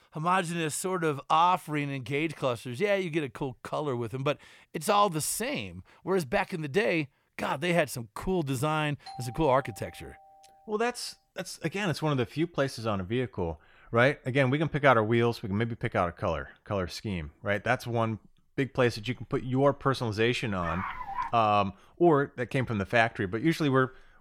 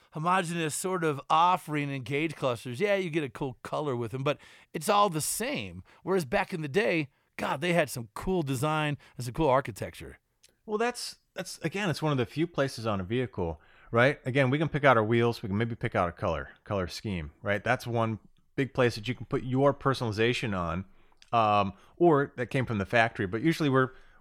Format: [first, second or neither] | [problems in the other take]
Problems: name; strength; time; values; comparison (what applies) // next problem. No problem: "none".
second | doorbell; faint; from 9 to 11 s; peak 15 dB below the speech // dog barking; noticeable; at 21 s; peak 6 dB below the speech